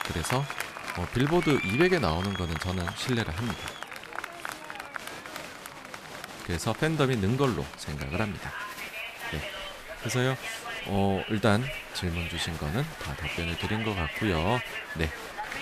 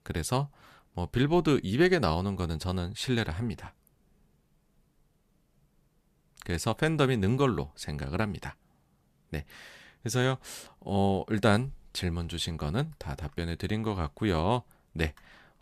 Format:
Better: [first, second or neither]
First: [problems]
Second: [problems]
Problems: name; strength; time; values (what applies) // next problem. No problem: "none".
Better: second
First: crowd noise; loud; throughout; 6 dB below the speech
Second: none